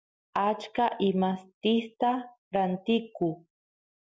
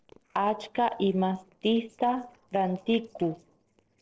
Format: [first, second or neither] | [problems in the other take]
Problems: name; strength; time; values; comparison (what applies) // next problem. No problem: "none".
first | noise reduction (neural separator model SepFormer DNS4)